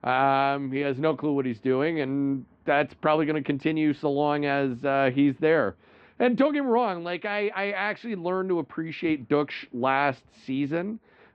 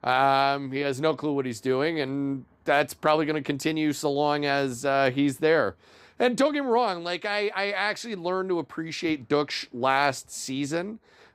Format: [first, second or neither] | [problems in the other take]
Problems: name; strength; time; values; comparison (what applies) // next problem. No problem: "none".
second | muffled; slightly; fading above 3 kHz